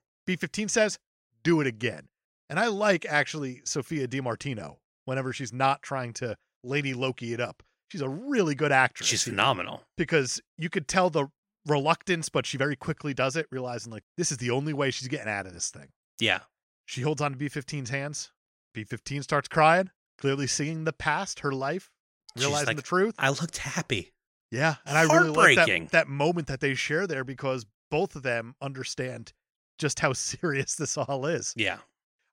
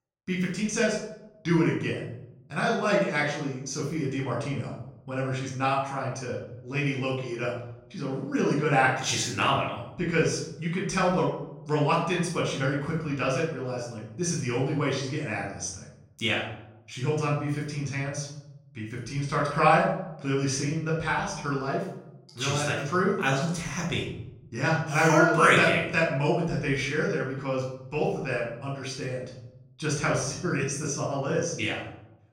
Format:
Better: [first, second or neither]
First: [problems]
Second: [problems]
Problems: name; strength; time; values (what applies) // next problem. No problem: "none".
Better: first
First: none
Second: off-mic speech; far // room echo; noticeable; dies away in 0.8 s